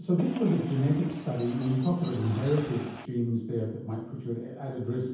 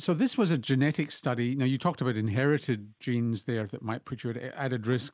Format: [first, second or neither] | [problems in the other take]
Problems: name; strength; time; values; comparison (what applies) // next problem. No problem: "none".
second | background sound (Bird); 15 dB below the speech // room echo; dies away in 0.9 s